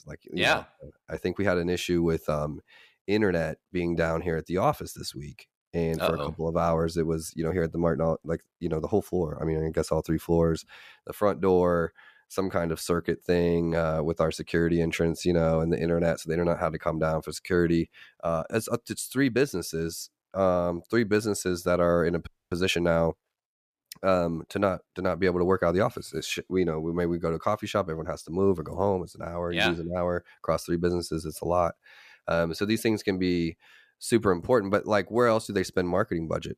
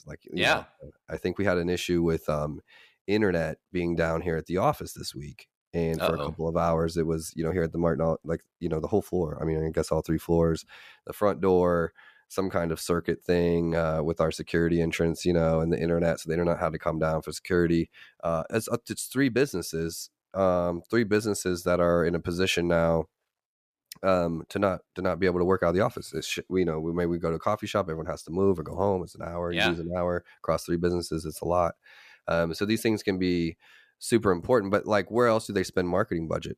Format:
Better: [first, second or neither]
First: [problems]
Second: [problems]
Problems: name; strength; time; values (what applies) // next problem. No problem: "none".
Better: second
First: audio freezing; at 22 s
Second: none